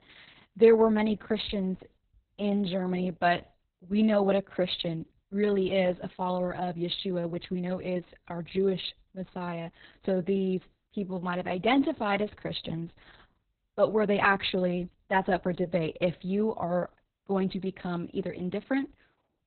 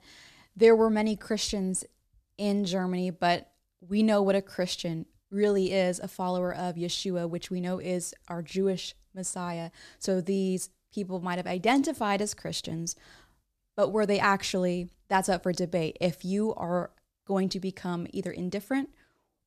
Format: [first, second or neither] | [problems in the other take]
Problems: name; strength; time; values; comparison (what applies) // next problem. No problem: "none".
second | garbled, watery; badly; nothing above 4 kHz